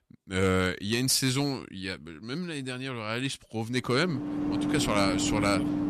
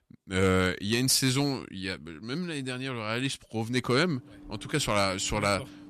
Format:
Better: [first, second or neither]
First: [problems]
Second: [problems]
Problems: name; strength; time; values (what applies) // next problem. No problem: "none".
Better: second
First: train or aircraft noise; loud; from 4 s on; 1 dB below the speech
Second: train or aircraft noise; faint; from 4 s on; 20 dB below the speech